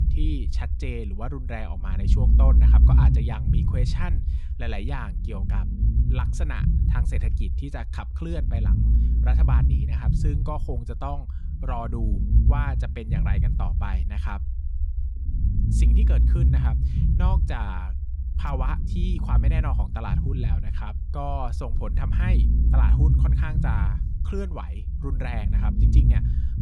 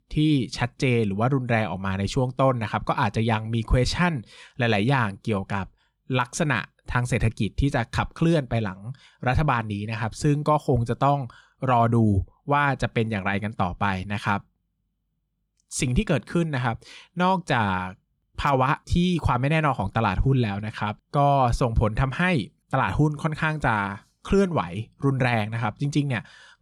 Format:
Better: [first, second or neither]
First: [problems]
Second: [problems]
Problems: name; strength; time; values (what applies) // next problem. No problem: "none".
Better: second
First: low rumble; loud; throughout; 3 dB below the speech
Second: none